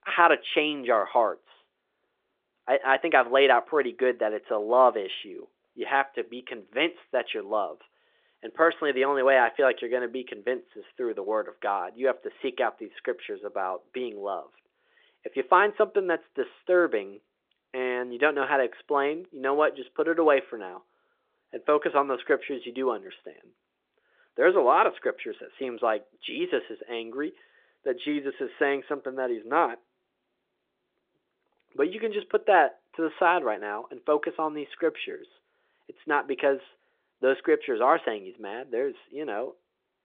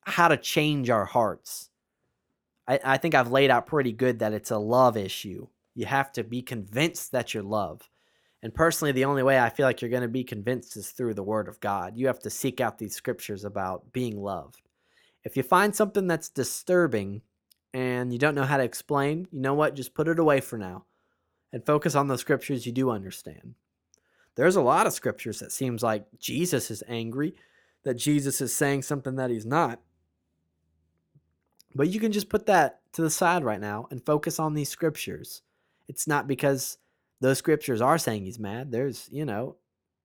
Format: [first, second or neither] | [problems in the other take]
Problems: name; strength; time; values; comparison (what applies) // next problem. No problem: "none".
second | phone-call audio